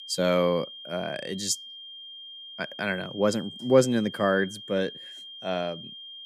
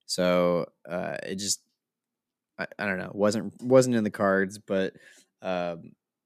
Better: second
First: high-pitched whine; noticeable; throughout; 3 kHz, 15 dB below the speech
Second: none

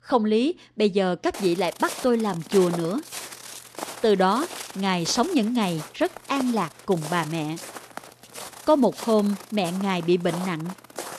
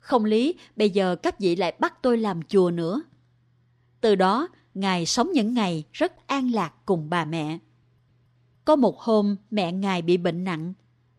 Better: second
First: footsteps; noticeable; from 1.5 s on; peak 9 dB below the speech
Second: none

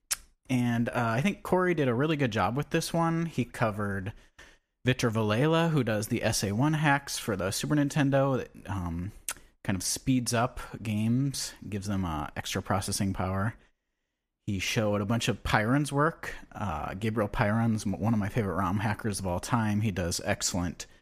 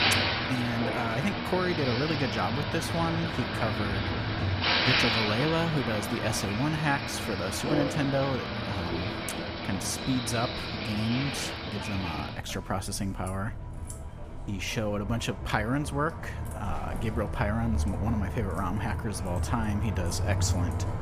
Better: first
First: none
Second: traffic noise; very loud; throughout; as loud as the speech

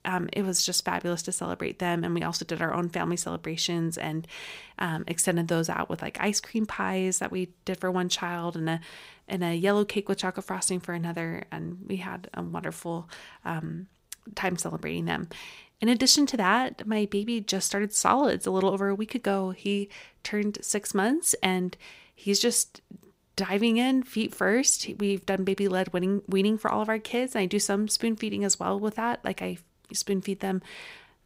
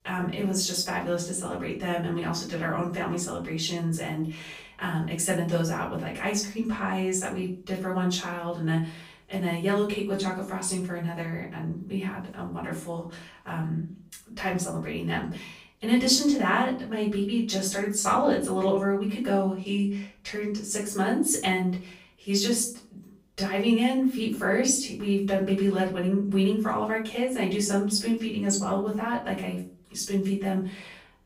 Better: first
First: none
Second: off-mic speech; far // room echo; slight; dies away in 0.4 s

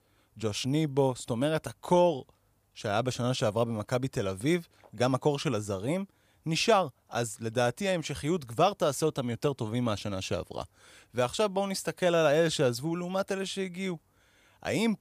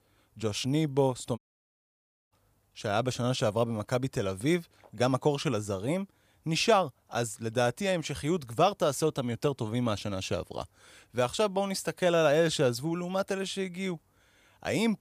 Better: first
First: none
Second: audio cutting out; at 1.5 s for 1 s

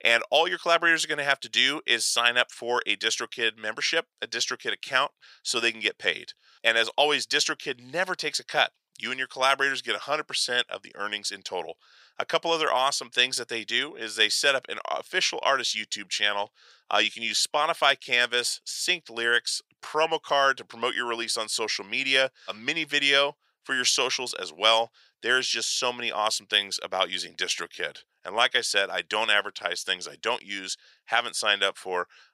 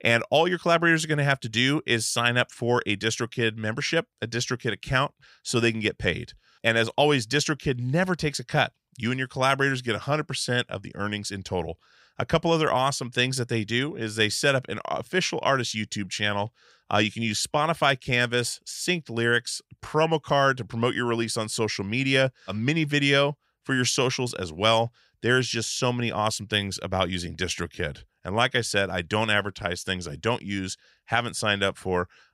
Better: second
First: thin; very; fading below 550 Hz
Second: none

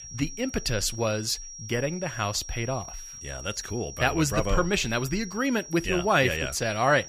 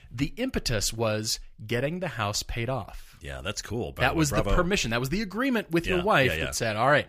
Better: second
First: high-pitched whine; noticeable; throughout; 5.5 kHz, 10 dB below the speech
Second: none

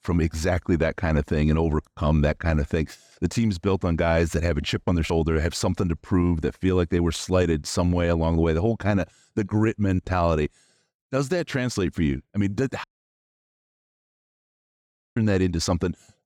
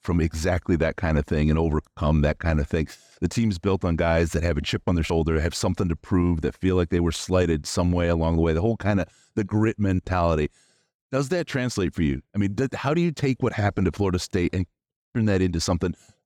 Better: second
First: audio cutting out; at 13 s for 2.5 s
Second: none

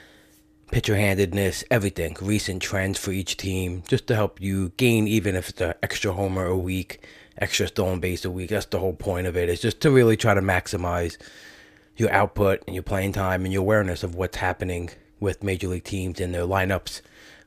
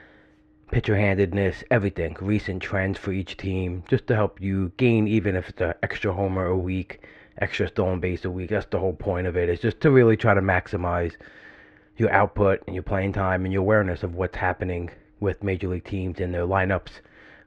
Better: first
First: none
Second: muffled; very; fading above 2 kHz

